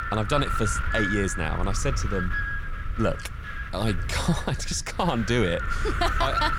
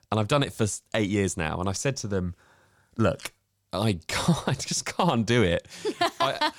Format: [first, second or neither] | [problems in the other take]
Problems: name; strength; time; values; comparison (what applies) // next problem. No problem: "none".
second | wind noise on the microphone; heavy; 2 dB below the speech